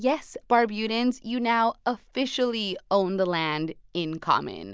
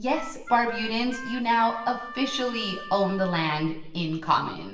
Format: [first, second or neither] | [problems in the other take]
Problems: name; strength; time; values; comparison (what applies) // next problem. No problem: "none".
first | background sound (Harmonica); 14 dB below the speech // room echo; dies away in 0.9 s